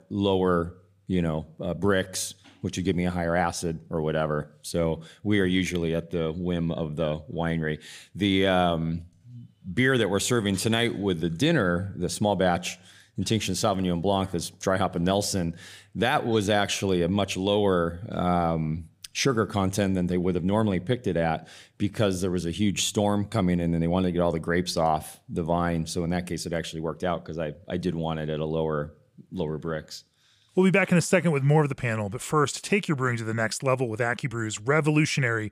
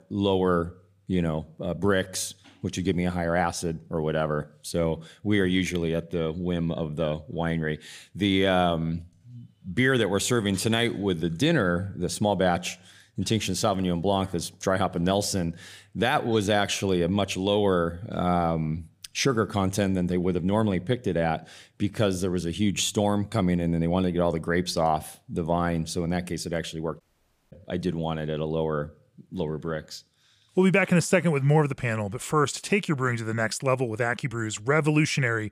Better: first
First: none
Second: audio cutting out; at 27 s for 0.5 s

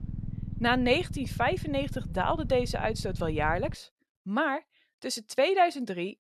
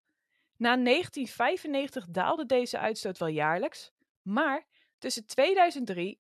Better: second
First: low rumble; faint; until 3.5 s; 20 dB below the speech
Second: none

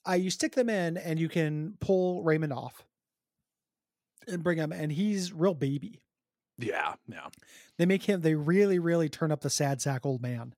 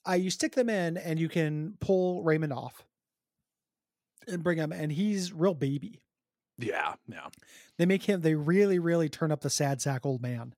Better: neither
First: none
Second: none

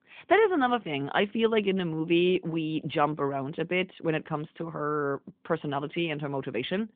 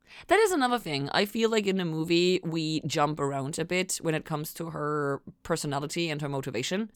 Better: second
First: phone-call audio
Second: none

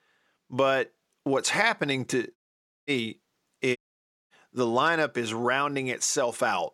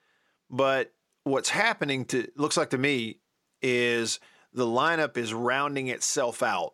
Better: second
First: audio cutting out; at 2.5 s for 0.5 s and at 4 s for 0.5 s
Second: none

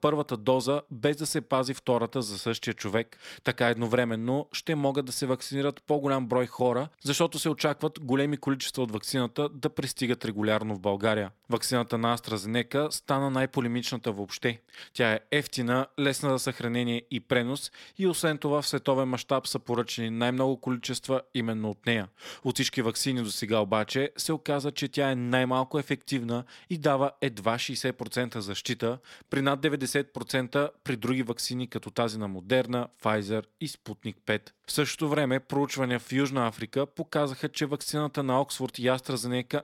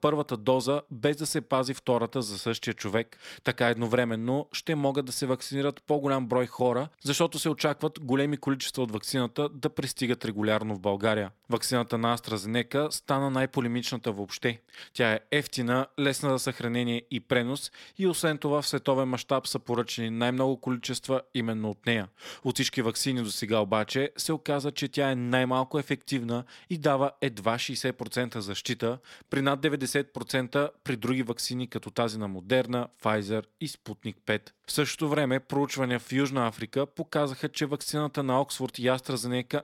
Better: neither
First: none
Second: none

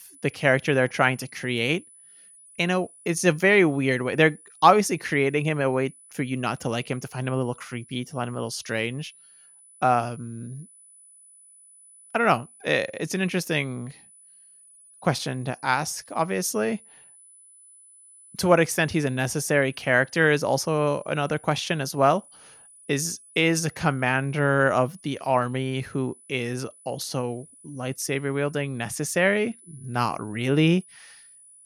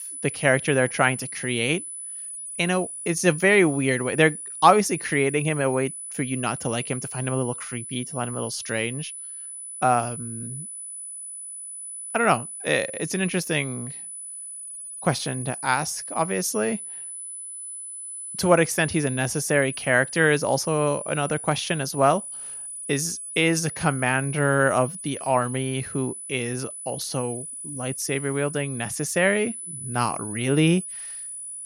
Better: first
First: high-pitched whine; faint; throughout; 10 kHz, 25 dB below the speech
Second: high-pitched whine; loud; throughout; 10 kHz, 9 dB below the speech

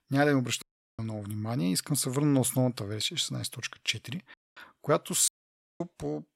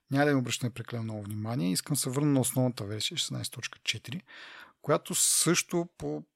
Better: second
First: audio cutting out; at 0.5 s, at 4.5 s and at 5.5 s for 0.5 s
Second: none

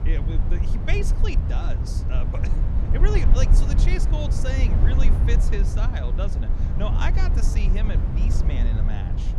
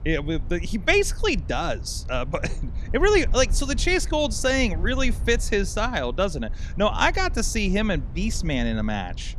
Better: second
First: low rumble; loud; throughout; 3 dB below the speech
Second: low rumble; faint; throughout; 25 dB below the speech

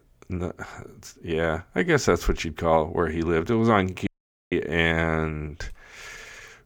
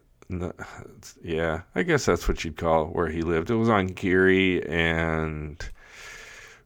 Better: second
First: audio cutting out; at 4 s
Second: none

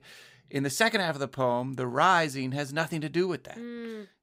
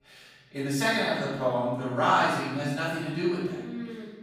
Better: first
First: none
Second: off-mic speech; far // room echo; strong; dies away in 1.1 s

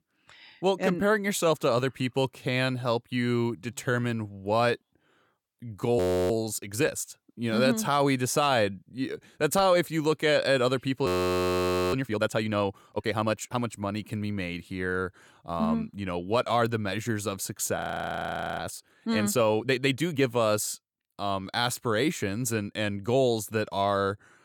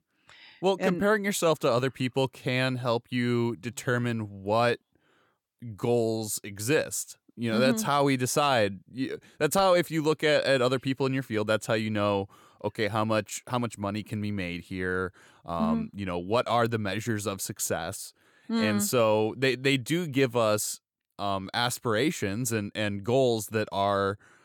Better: second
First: audio freezing; at 6 s, at 11 s for 1 s and at 18 s for 1 s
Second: none

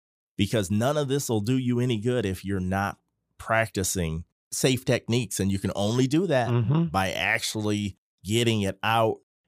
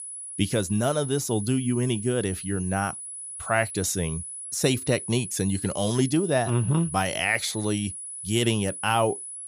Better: first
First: none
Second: high-pitched whine; loud; throughout; 10 kHz, 8 dB below the speech

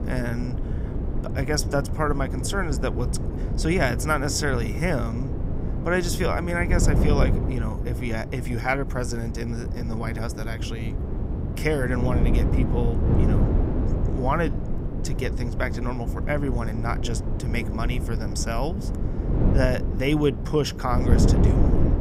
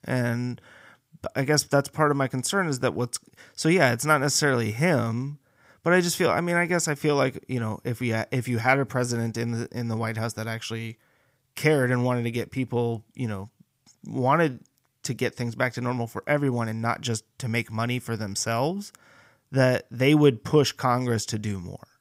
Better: second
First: wind noise on the microphone; heavy; 7 dB below the speech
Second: none

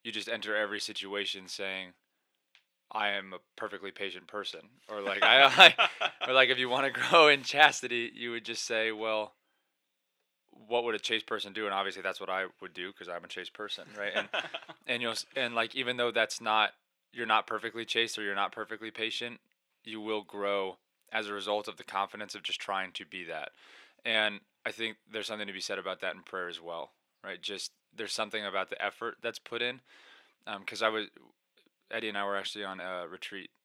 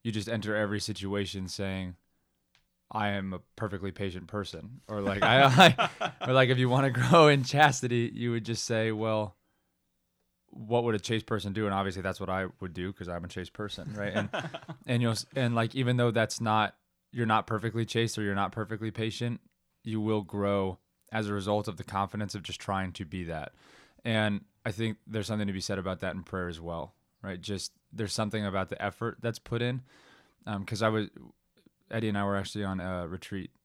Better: second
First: thin; very; fading below 450 Hz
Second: none

